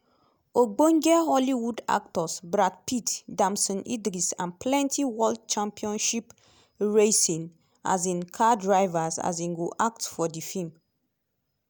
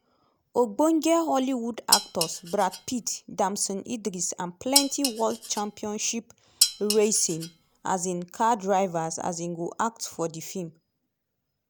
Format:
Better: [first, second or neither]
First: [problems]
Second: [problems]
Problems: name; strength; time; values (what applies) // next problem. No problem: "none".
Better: first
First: none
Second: background sound (Dishes, pots, and pans); 2 dB below the speech